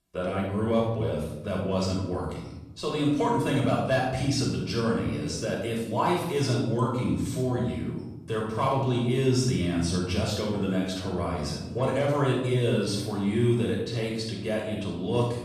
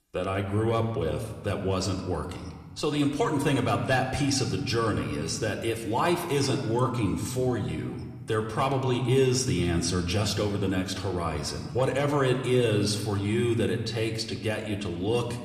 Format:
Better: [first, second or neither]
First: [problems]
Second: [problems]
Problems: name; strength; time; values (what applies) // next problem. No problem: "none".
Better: second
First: room echo; strong; dies away in 0.9 s // off-mic speech; far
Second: room echo; slight; dies away in 1.2 s